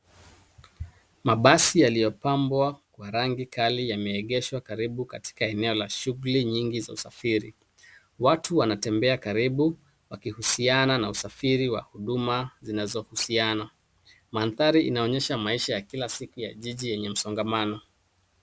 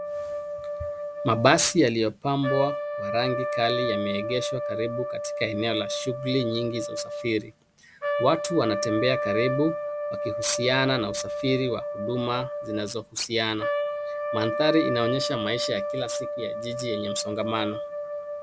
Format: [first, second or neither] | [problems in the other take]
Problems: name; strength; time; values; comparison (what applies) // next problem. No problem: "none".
first | background sound (Trumpet); 3 dB below the speech